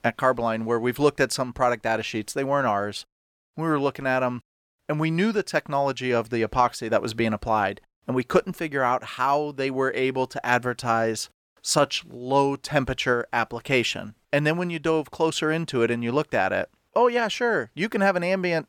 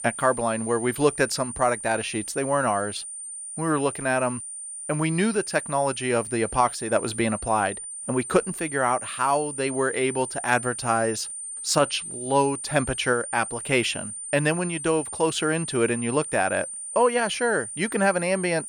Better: first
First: none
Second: high-pitched whine; loud; throughout; 9 kHz, 8 dB below the speech

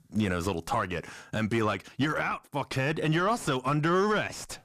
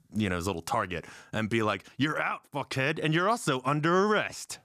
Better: second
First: distortion; slight; 10 dB below the speech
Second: none

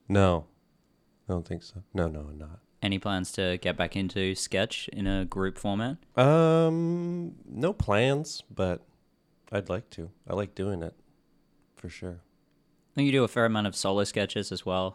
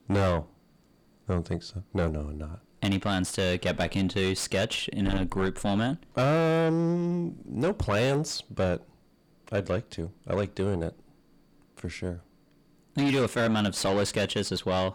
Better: first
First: none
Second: distortion; heavy; 6 dB below the speech

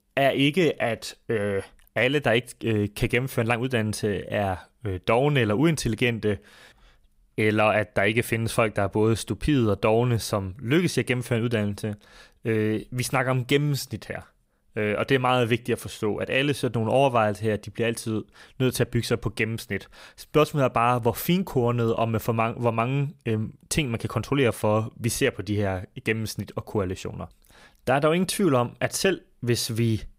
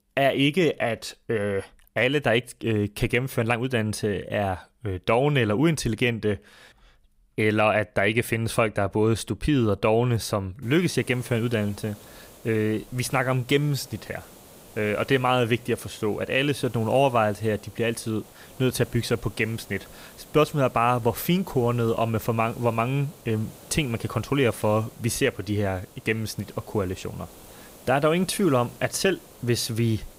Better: first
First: none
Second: hiss; faint; from 11 s on; 20 dB below the speech

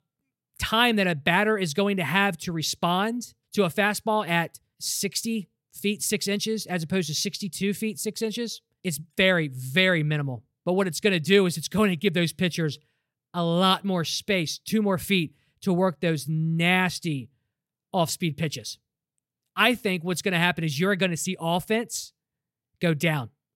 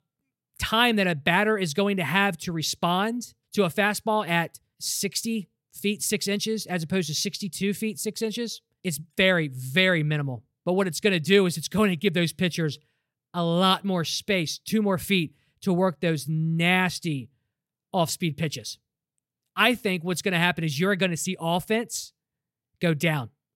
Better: neither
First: none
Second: none

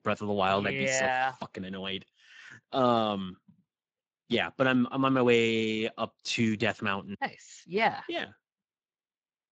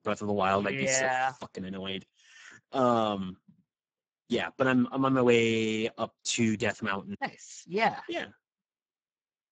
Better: first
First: garbled, watery; slightly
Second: garbled, watery; badly; nothing above 7.5 kHz

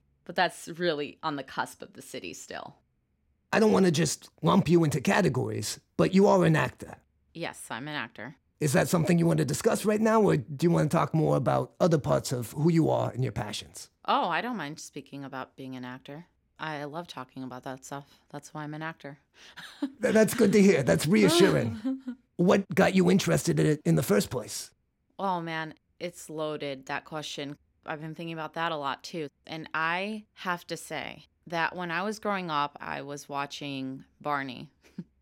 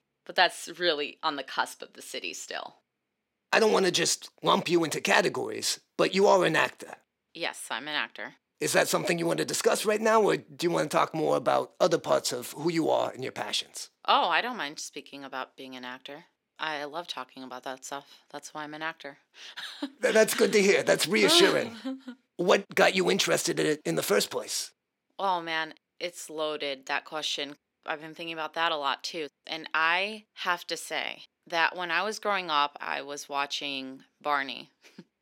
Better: first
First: none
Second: thin; somewhat; fading below 350 Hz

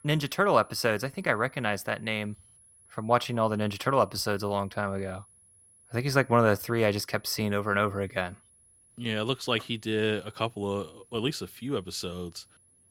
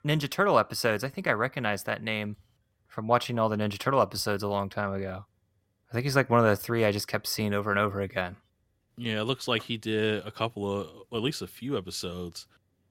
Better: second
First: high-pitched whine; faint; throughout; 10.5 kHz, 30 dB below the speech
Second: none

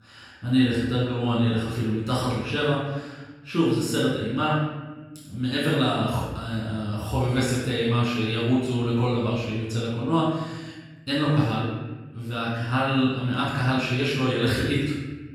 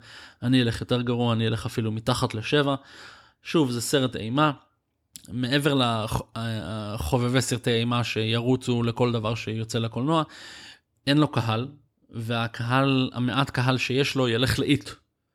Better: second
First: off-mic speech; far // room echo; strong; dies away in 1.1 s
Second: none

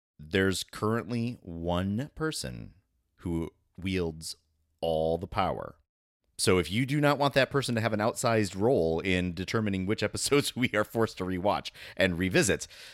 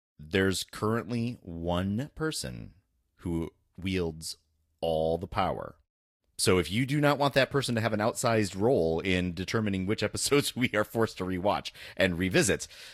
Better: first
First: none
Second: garbled, watery; slightly

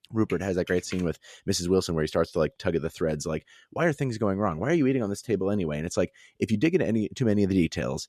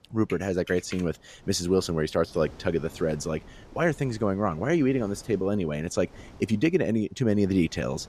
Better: first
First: none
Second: wind noise on the microphone; occasional gusts; 25 dB below the speech

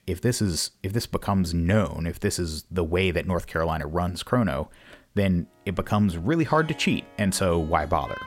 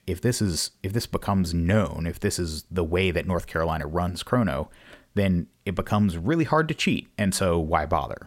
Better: second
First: background music; faint; from 5.5 s on; 20 dB below the speech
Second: none

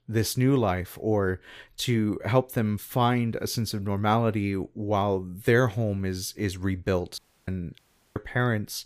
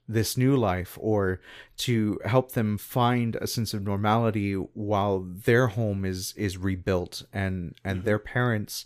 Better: second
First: audio cutting out; at 7 s and at 8 s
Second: none

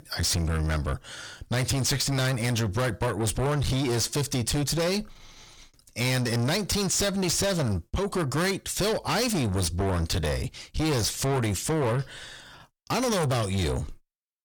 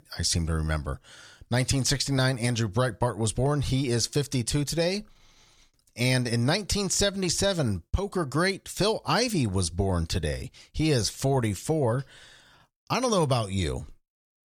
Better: second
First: distortion; heavy; 6 dB below the speech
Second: none

